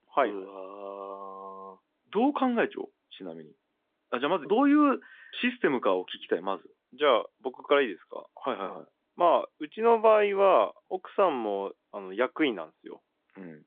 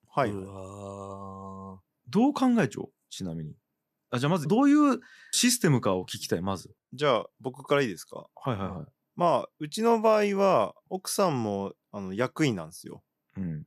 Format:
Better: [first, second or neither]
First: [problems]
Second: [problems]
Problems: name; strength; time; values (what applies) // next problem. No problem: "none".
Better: second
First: phone-call audio; nothing above 3.5 kHz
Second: none